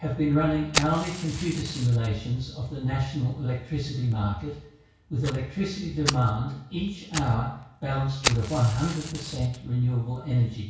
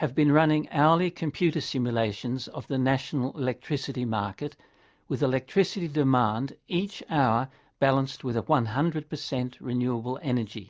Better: second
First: background sound (Fire); 10 dB below the speech // room echo; dies away in 0.6 s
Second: none

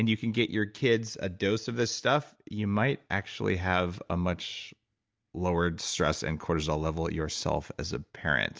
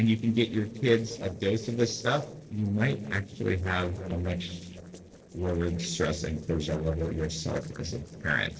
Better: first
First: none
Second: noise reduction (neural separator model SepFormer DNS4)

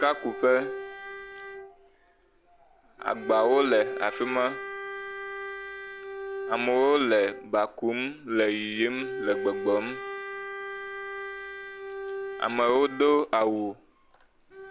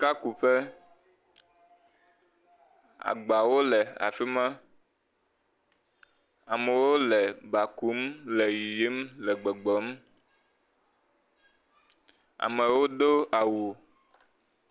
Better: second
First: background sound (Bowed string instrument); 9 dB below the speech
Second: none

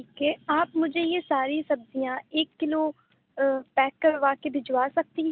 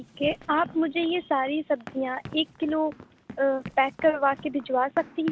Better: first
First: none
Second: background sound (Run); 18 dB below the speech

